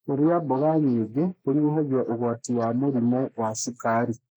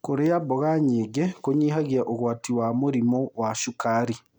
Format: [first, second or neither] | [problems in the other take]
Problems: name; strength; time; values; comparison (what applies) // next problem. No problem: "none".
second | noise reduction (neural mask model Resemble Enhance denoiser)